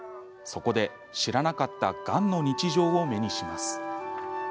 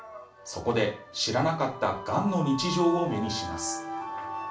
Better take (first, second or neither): first